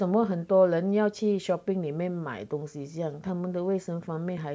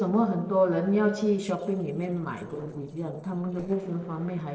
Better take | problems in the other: first | noise reduction (neural separator model SepFormer DNS4)

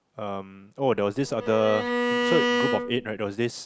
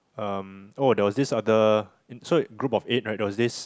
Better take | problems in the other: second | background sound (Bowed string instrument); as loud as the speech

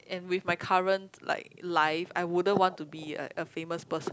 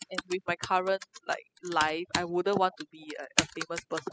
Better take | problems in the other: first | noise reduction (classical method spectral subtraction)

